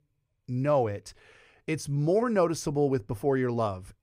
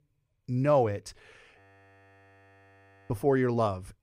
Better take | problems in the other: first | audio freezing; at 1.5 s for 1.5 s

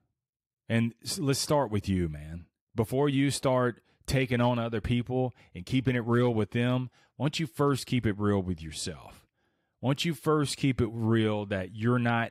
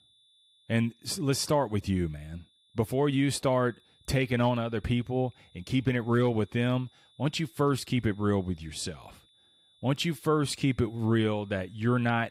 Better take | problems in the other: first | high-pitched whine; faint; throughout; 3.5 kHz, 35 dB below the speech

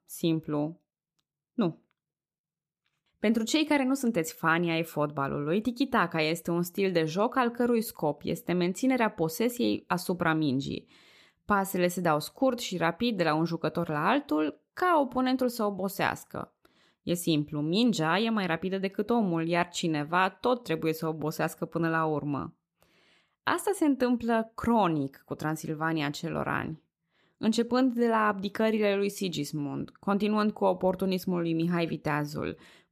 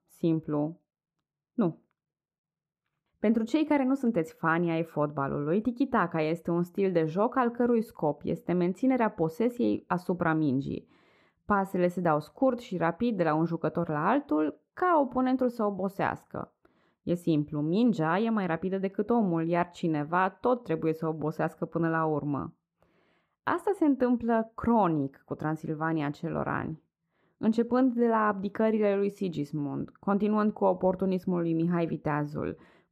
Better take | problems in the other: first | muffled; very; fading above 2.5 kHz

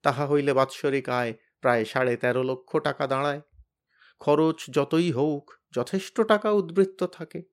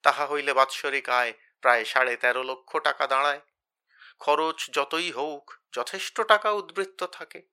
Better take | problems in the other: first | thin; very; fading below 900 Hz

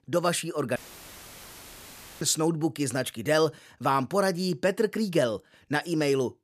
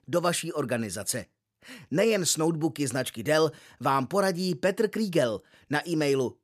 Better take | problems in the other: second | audio cutting out; filled with static; at 1 s for 1.5 s

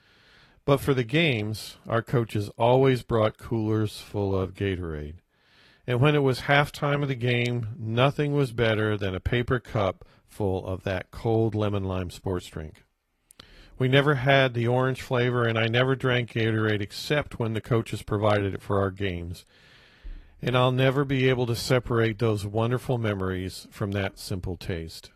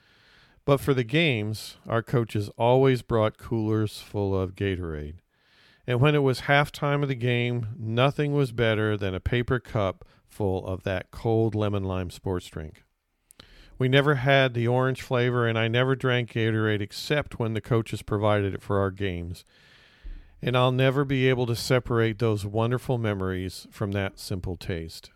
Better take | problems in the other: second | garbled, watery; slightly; nothing above 13.5 kHz

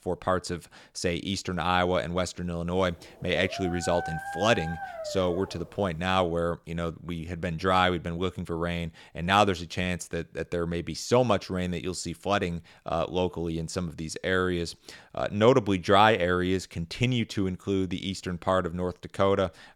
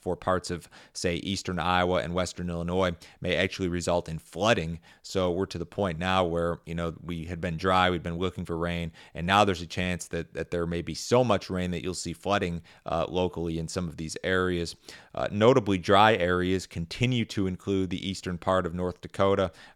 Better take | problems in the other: second | dog barking; noticeable; from 3 to 6 s; peak 8 dB below the speech

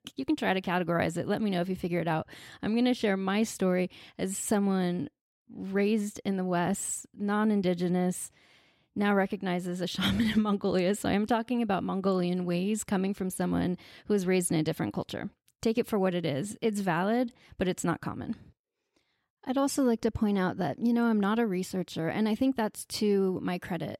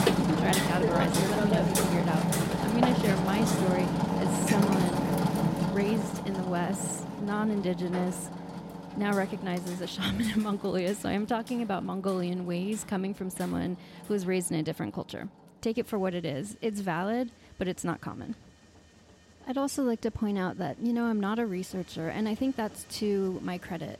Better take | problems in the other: first | machinery noise; very loud; throughout; 2 dB above the speech

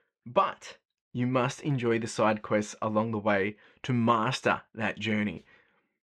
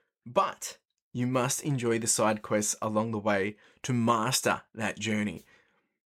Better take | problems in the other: second | muffled; slightly; fading above 3 kHz

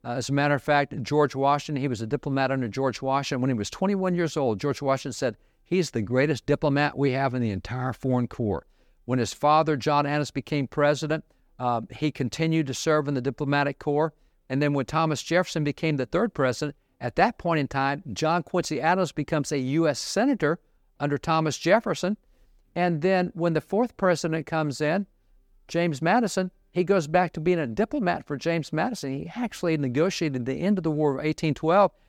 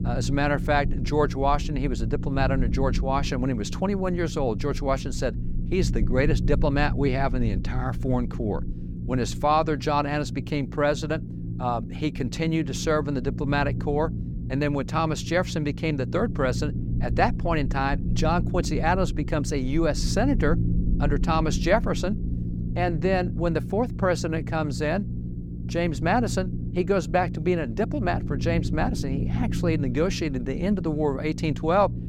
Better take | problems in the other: first | low rumble; noticeable; throughout; 15 dB below the speech

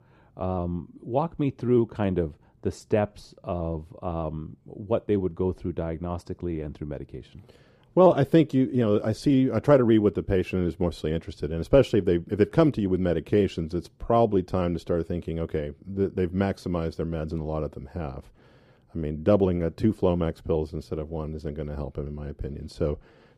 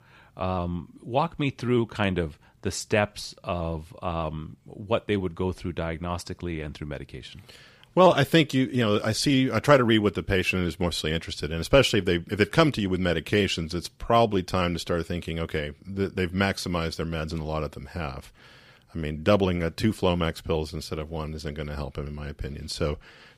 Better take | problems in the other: second | muffled; slightly; fading above 1 kHz

